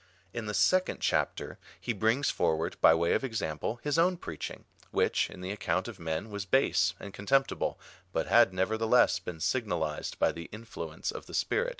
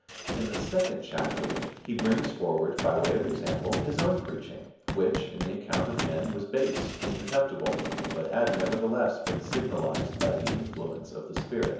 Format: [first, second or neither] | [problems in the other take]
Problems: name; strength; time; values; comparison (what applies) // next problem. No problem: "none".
first | background sound (Gunshot, gunfire); 4 dB below the speech // room echo; dies away in 0.9 s